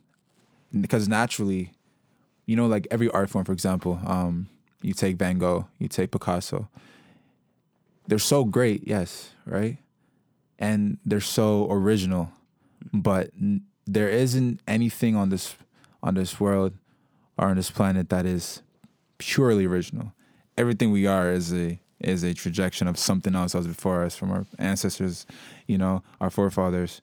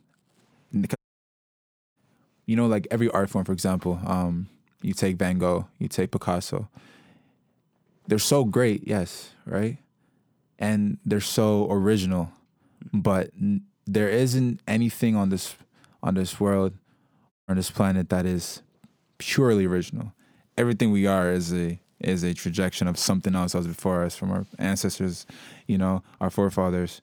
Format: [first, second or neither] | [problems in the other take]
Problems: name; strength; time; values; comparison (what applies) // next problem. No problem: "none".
first | audio cutting out; at 1 s for 1 s and at 17 s